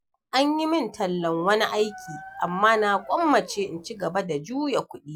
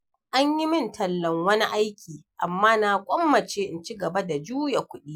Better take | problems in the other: second | background sound (Dog); 18 dB below the speech

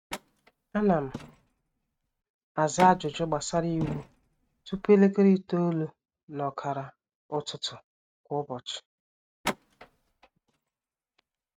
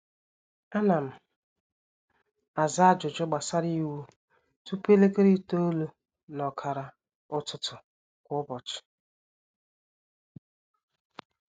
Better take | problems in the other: second | noise reduction (neural mask model RNNoise)

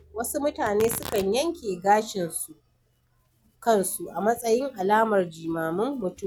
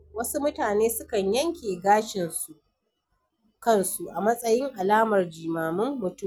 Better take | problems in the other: second | background sound (Tearing); 20 dB below the speech

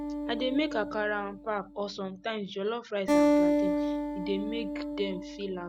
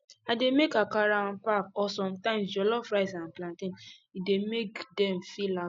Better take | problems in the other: second | background sound (Acoustic guitar); 3 dB above the speech

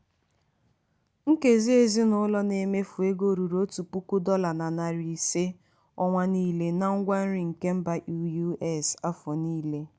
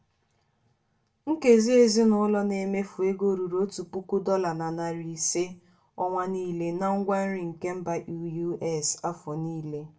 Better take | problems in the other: first | room echo; dies away in 0.2 s

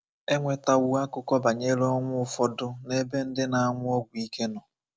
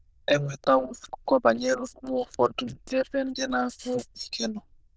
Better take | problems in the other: first | noise reduction (neural diffusion model UNIVERSE++)

